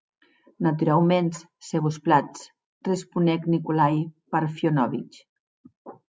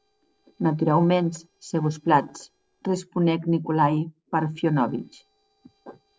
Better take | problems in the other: first | noise reduction (neural separator model SepFormer DNS4)

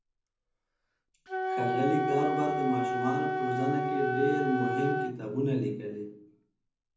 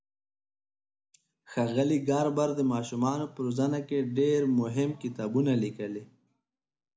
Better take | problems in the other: second | background sound (Wind instrument, woodwind instrument); 1 dB below the speech // room echo; dies away in 0.6 s

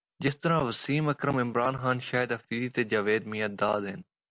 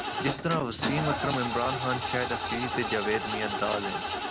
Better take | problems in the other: first | background sound (Engine starting / Car); 1 dB below the speech

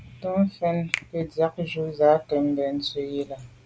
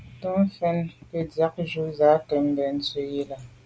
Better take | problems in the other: second | background sound (Finger snapping); 15 dB below the speech

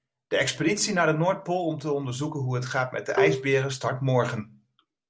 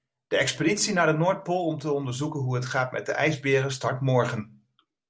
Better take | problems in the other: second | background sound (Marimba, xylophone); 1 dB below the speech

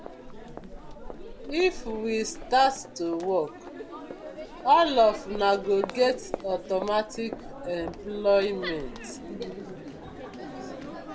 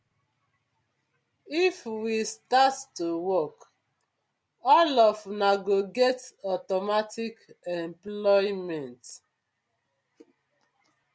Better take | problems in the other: second | background sound (Crowd); 11 dB below the speech

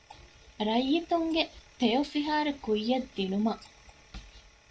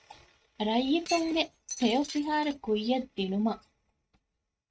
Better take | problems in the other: first | noise reduction (neural mask model RNNoise)

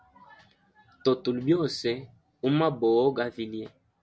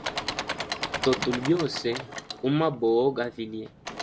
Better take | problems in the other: first | background sound (Engine / Mechanisms); 7 dB below the speech

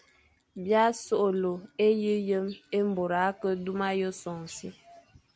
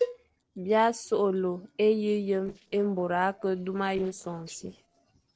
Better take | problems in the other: first | noise reduction (neural separator model SepFormer DNS4)

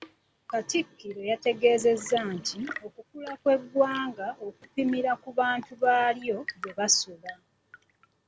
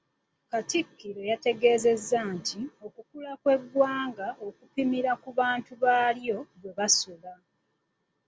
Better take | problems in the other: second | background sound (Tap / Fill (with liquid) / Trickle, dribble / Chirp, tweet / Engine); 19 dB below the speech

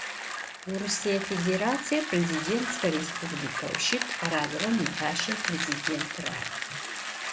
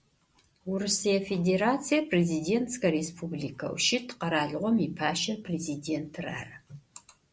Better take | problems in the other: second | background sound (Bicycle); 3 dB below the speech

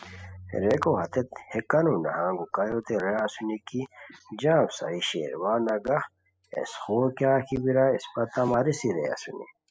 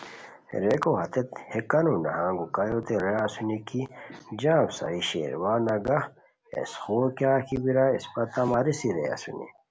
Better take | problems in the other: second | noise reduction (classical method spectral subtraction)

